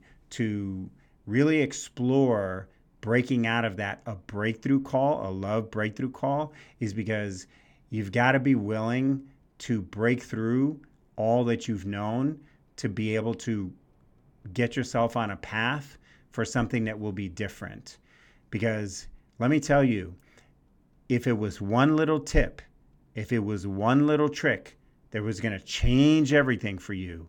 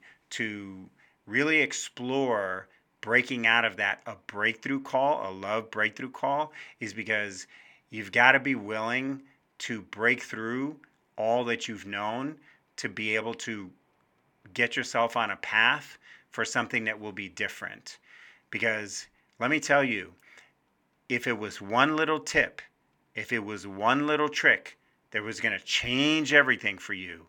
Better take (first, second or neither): first